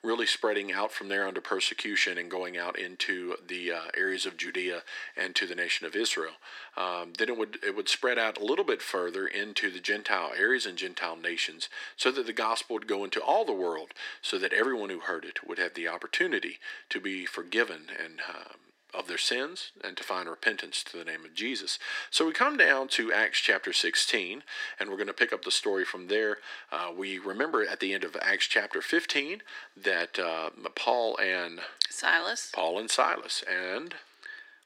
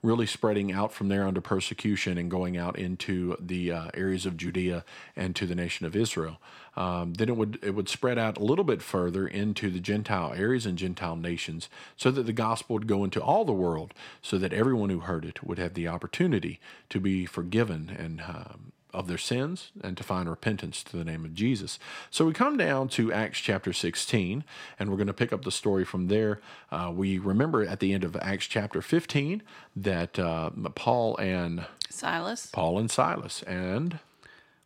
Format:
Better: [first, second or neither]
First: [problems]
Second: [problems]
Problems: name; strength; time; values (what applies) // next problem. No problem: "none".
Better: second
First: thin; very; fading below 300 Hz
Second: none